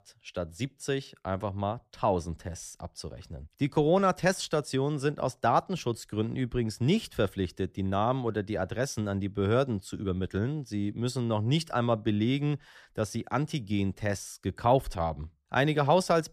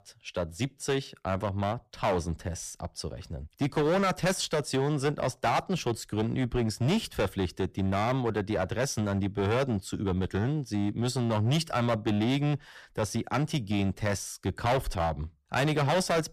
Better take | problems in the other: first | distortion; heavy; 11% of the sound clipped

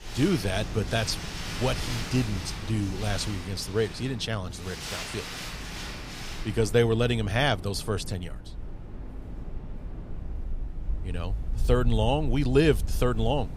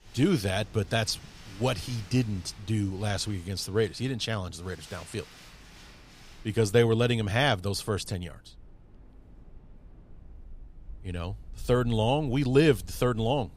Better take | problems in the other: second | wind in the background; loud; throughout; 8 dB below the speech; faint in the second

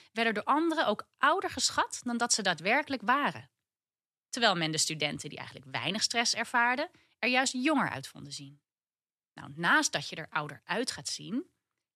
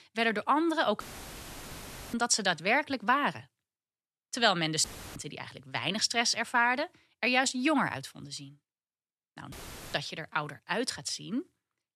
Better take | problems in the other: first | audio cutting out; filled with static; at 1 s for 1 s, at 5 s and at 9.5 s

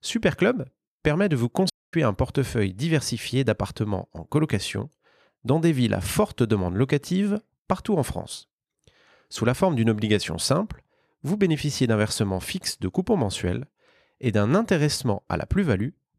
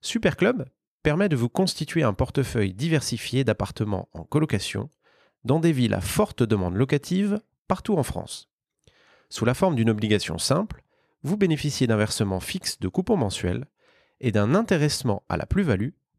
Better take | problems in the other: second | audio cutting out; at 1.5 s

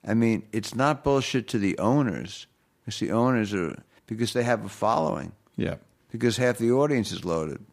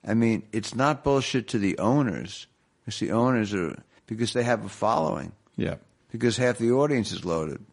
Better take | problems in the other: first | garbled, watery; slightly; nothing above 10.5 kHz

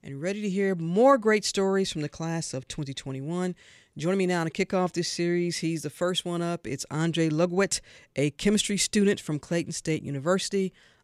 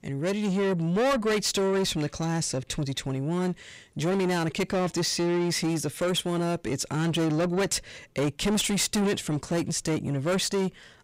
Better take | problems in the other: first | distortion; heavy; 7 dB below the speech

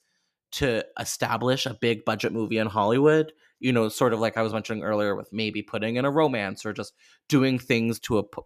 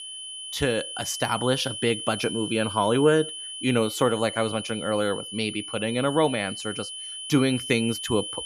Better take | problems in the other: first | high-pitched whine; loud; throughout; 3 kHz, 8 dB below the speech

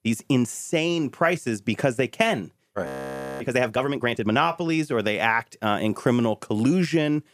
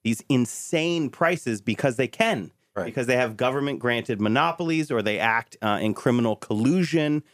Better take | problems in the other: second | audio freezing; at 3 s for 0.5 s

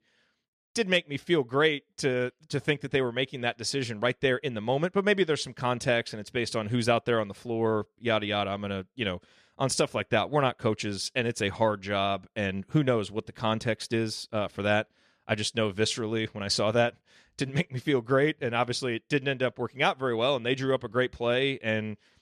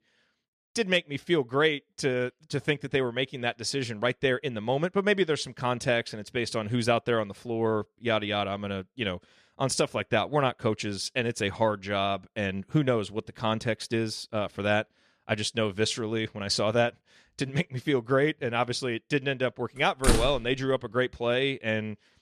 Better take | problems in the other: first | door banging; loud; at 20 s; peak 1 dB above the speech

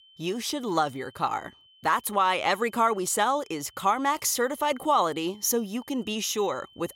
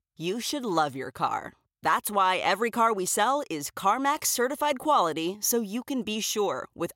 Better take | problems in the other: second | high-pitched whine; faint; throughout; 3 kHz, 30 dB below the speech

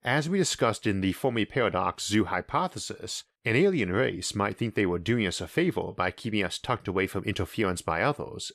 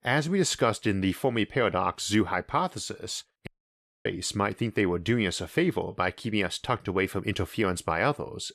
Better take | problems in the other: first | audio cutting out; at 3.5 s for 0.5 s

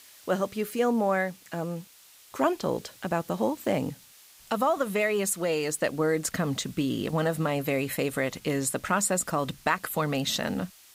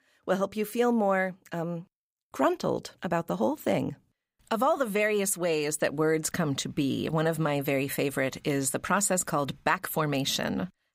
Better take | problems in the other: second | hiss; faint; throughout; 25 dB below the speech

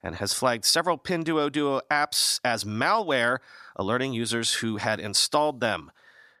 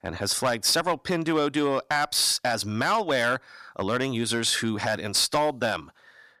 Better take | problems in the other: first | distortion; slight; 4% of the sound clipped

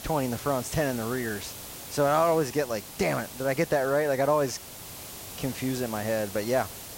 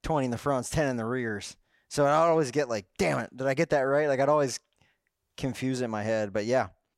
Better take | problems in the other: second | hiss; noticeable; throughout; 10 dB below the speech

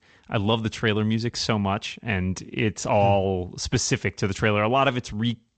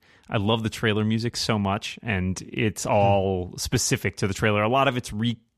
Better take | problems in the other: second | garbled, watery; slightly; nothing above 7.5 kHz

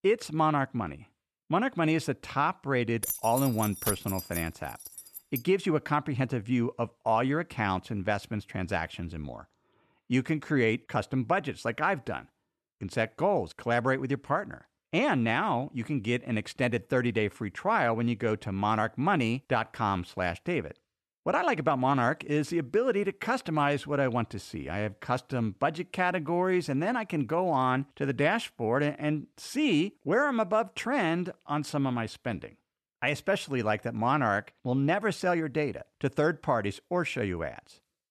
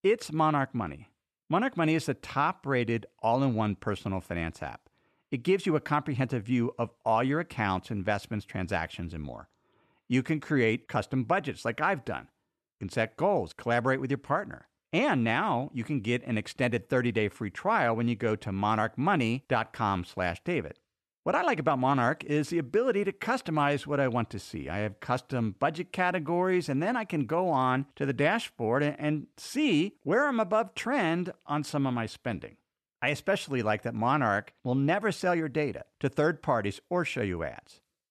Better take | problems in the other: second | jangling keys; noticeable; from 3 to 5.5 s; peak 3 dB below the speech

